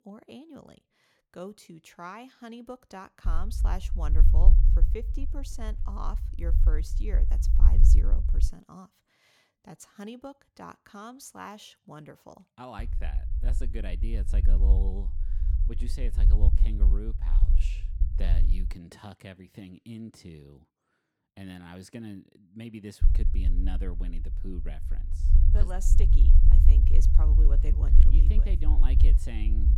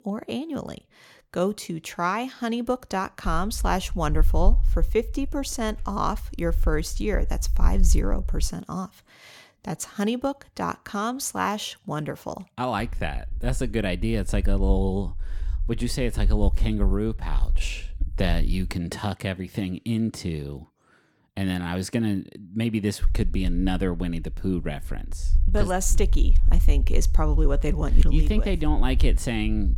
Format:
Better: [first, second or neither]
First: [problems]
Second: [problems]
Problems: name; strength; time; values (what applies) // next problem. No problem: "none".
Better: second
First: low rumble; loud; from 3.5 to 8.5 s, from 13 to 19 s and from 23 s on; 3 dB below the speech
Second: low rumble; faint; from 3.5 to 8.5 s, from 13 to 19 s and from 23 s on; 20 dB below the speech